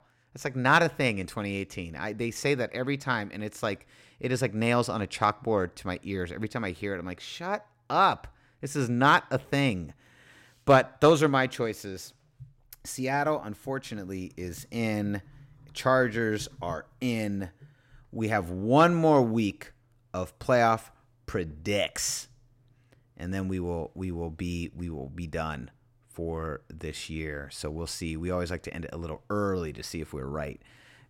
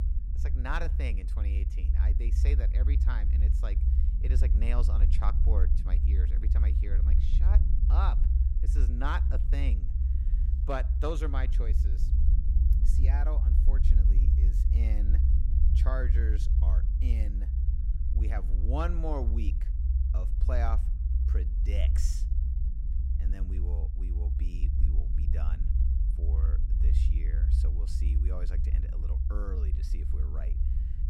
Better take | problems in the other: first | low rumble; loud; throughout; 6 dB below the speech

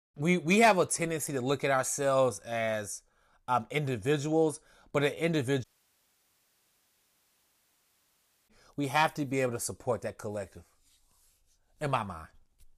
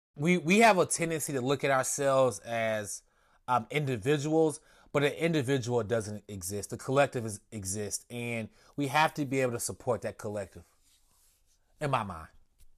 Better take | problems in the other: second | audio cutting out; at 5.5 s for 3 s

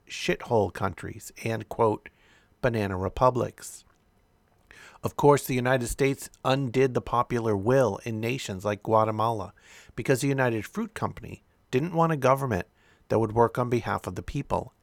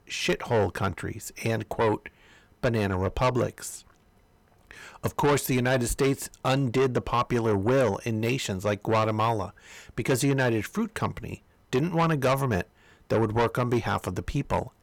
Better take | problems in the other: first | distortion; heavy; 8 dB below the speech

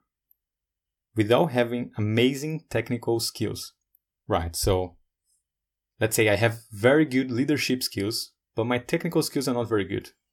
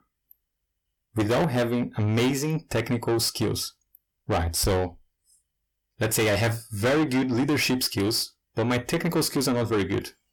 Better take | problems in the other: first | distortion; heavy; 6 dB below the speech

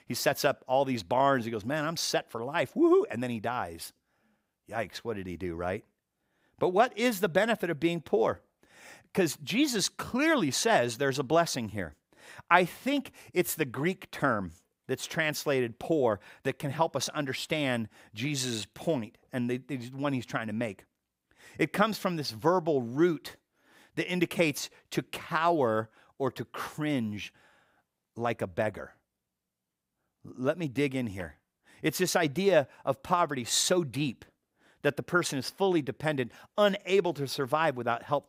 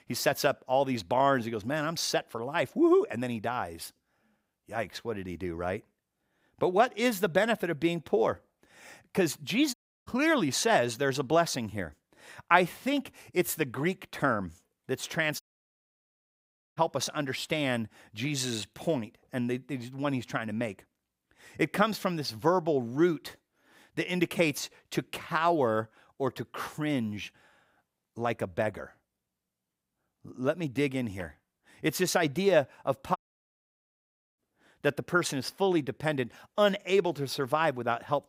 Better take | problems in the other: first | audio cutting out; at 9.5 s, at 15 s for 1.5 s and at 33 s for 1 s

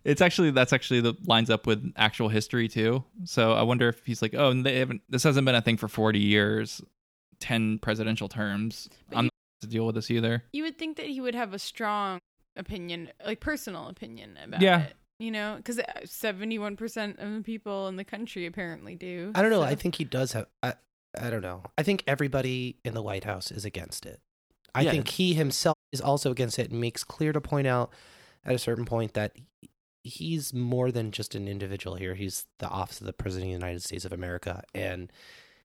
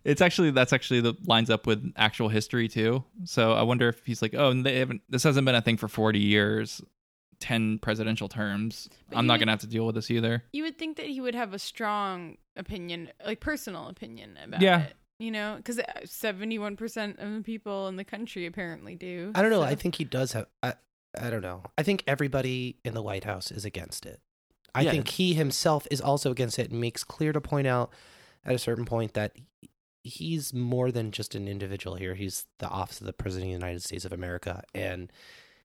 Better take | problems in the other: second | audio cutting out; at 9.5 s, at 12 s and at 26 s

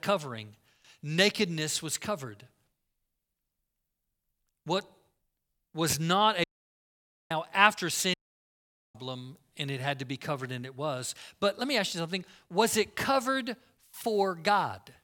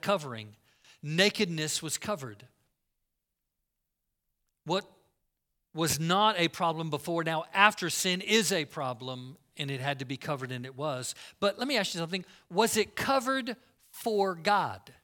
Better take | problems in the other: second | audio cutting out; at 6.5 s for 1 s and at 8 s for 1 s

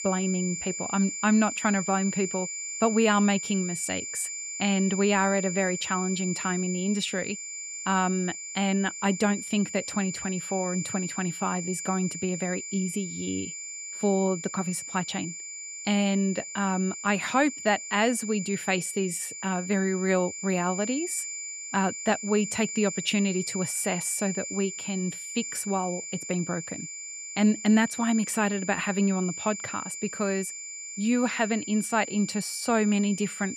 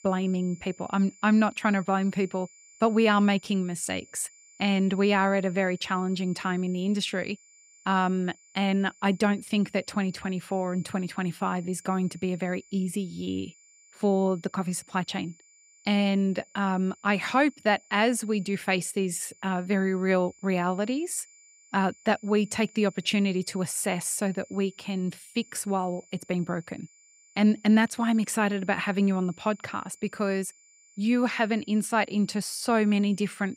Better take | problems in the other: second | high-pitched whine; loud; throughout; 7 kHz, 7 dB below the speech; faint in the second

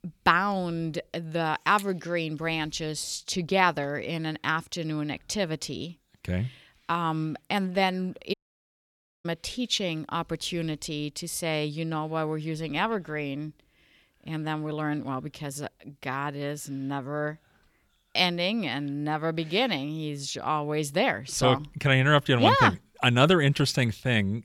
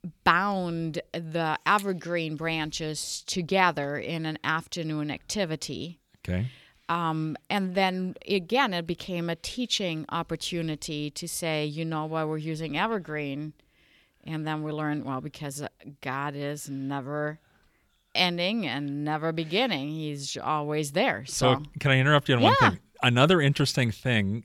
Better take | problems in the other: second | audio cutting out; at 8.5 s for 1 s

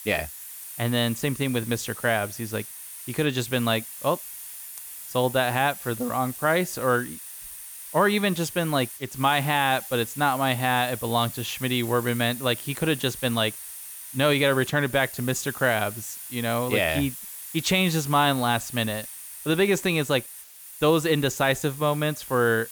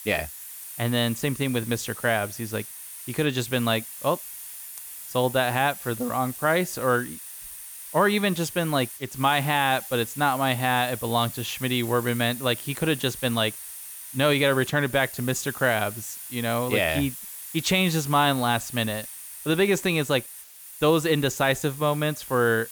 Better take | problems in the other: neither | hiss; noticeable; throughout; 10 dB below the speech; the same in both

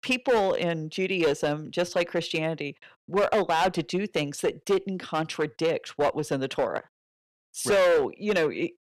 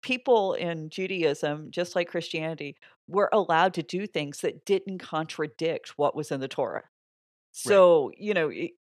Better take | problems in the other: second | distortion; heavy; 8% of the sound clipped

